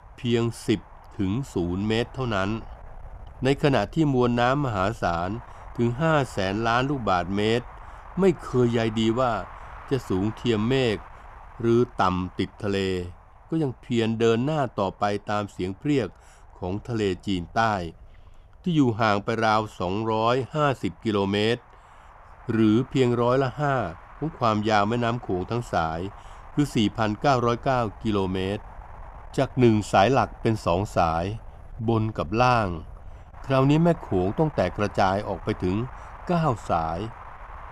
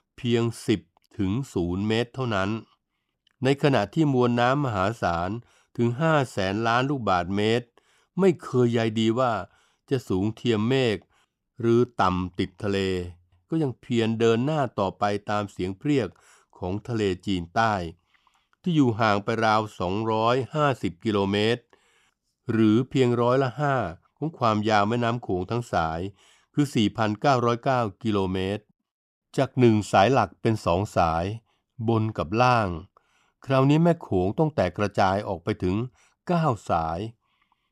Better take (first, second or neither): second